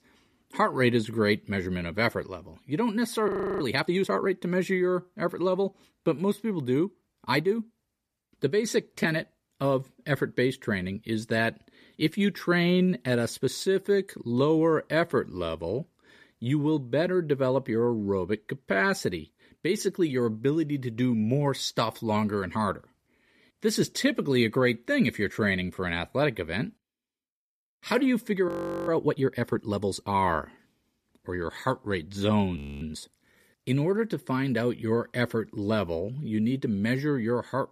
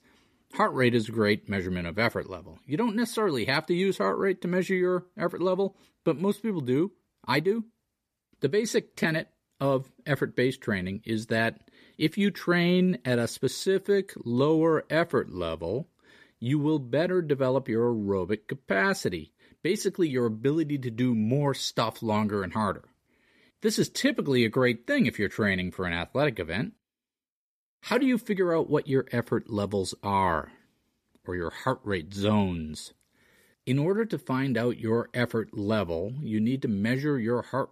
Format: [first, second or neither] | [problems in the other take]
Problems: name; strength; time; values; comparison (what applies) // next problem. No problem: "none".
second | audio freezing; at 3.5 s, at 28 s and at 33 s